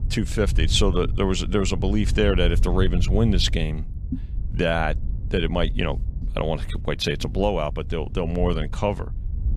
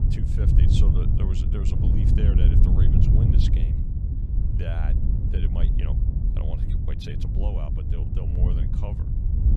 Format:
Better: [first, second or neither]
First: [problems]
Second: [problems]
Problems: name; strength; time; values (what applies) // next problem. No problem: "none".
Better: first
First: wind noise on the microphone; occasional gusts; 20 dB below the speech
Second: wind noise on the microphone; heavy; 3 dB above the speech